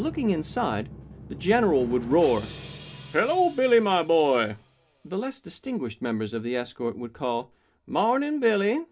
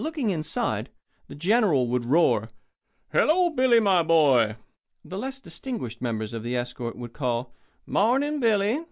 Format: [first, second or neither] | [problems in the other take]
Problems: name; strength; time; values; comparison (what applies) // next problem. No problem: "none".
second | background sound (Drum); 18 dB below the speech // room echo; dies away in 0.3 s